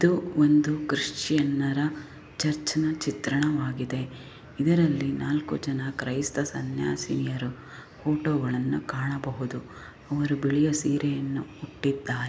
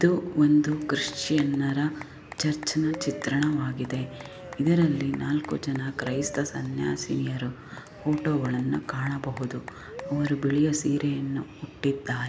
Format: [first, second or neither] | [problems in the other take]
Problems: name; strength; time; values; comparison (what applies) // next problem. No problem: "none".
first | background sound (Applause / Cheering / Clapping); 17 dB below the speech